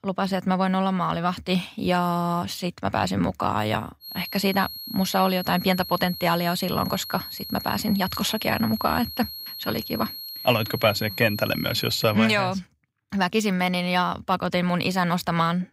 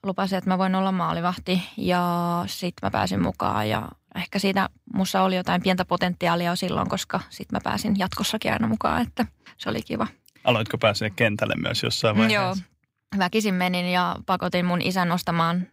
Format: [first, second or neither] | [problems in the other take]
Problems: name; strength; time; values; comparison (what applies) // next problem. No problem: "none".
second | high-pitched whine; loud; from 4 to 12 s; 4.5 kHz, 9 dB below the speech